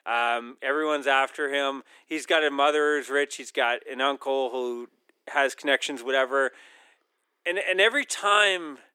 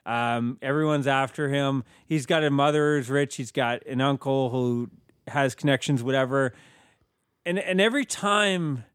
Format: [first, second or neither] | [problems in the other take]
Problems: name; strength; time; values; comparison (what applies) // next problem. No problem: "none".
second | thin; somewhat; fading below 350 Hz